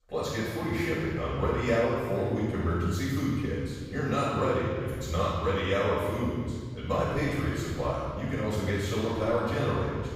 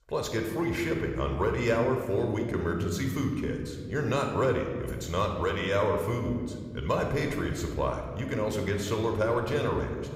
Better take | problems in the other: second | room echo; strong; dies away in 1.9 s; slight in the second // off-mic speech; far

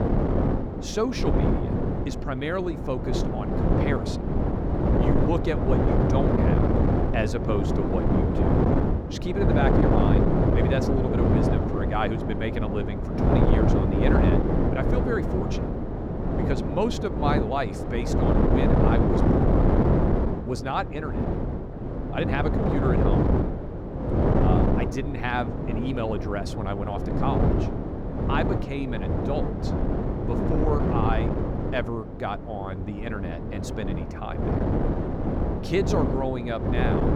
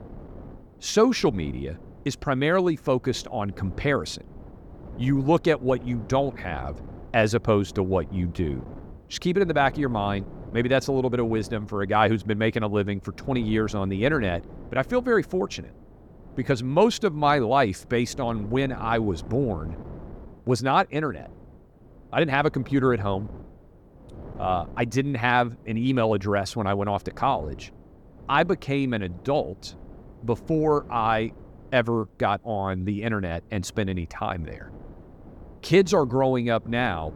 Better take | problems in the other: second | wind noise on the microphone; heavy; 2 dB above the speech; occasional gusts in the second

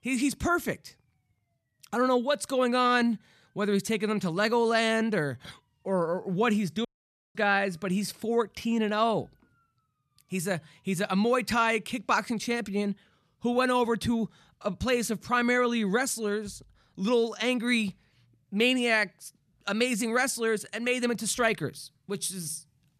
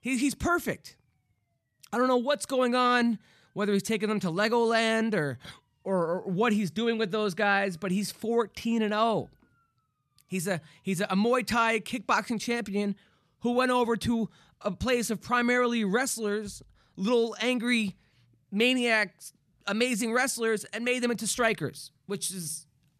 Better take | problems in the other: second | audio cutting out; at 7 s for 0.5 s

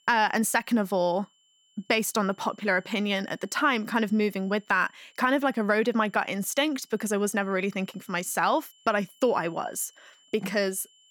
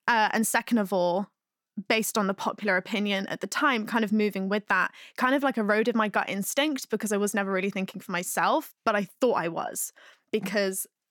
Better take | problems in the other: second | high-pitched whine; faint; throughout; 3 kHz, 35 dB below the speech

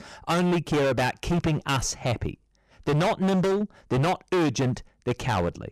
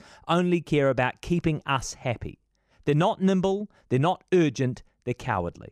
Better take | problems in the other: second | distortion; heavy; 22% of the sound clipped

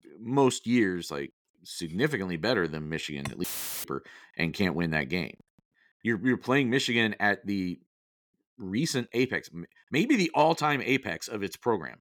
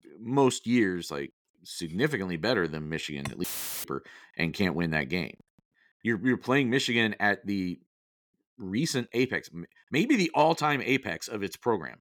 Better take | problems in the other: neither | audio cutting out; filled with static; at 3.5 s; the same in both

